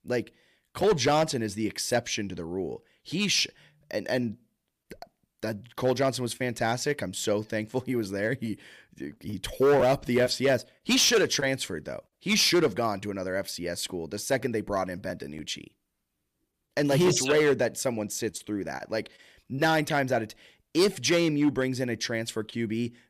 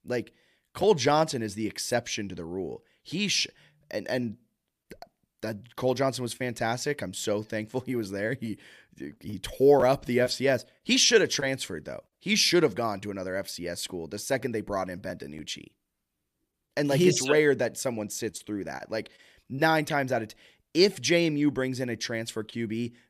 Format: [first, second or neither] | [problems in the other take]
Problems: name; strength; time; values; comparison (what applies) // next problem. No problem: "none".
second | distortion; slight; 3% of the sound clipped